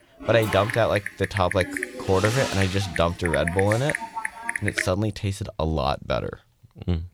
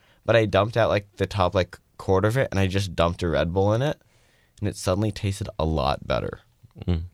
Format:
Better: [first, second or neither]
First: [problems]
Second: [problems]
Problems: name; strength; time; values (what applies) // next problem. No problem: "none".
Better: second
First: keyboard typing; noticeable; until 5 s; peak 2 dB below the speech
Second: none